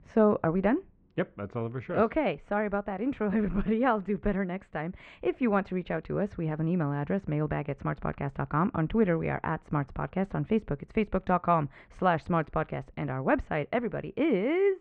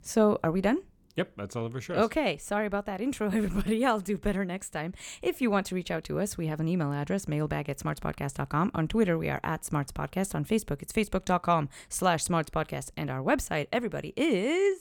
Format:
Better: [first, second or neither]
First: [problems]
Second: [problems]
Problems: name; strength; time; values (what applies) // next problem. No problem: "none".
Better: second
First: muffled; very; fading above 2 kHz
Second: none